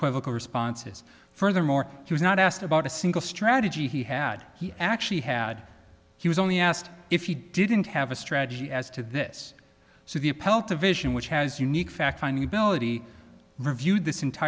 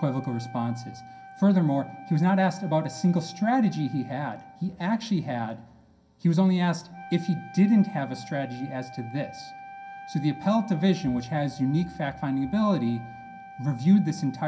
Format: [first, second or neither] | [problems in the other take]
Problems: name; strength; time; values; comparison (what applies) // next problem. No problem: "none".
first | background sound (Wind instrument, woodwind instrument); 18 dB below the speech // room echo; dies away in 0.3 s